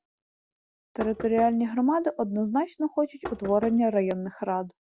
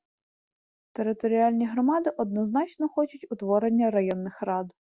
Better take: second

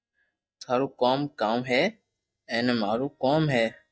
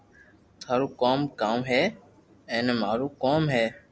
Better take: second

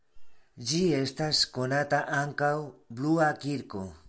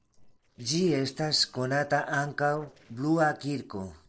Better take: first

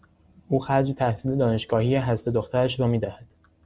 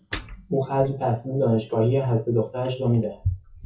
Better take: first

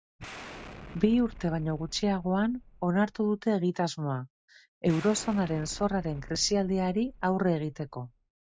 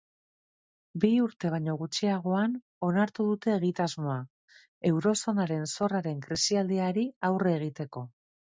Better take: second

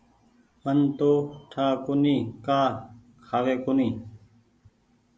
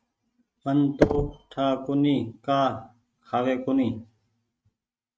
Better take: first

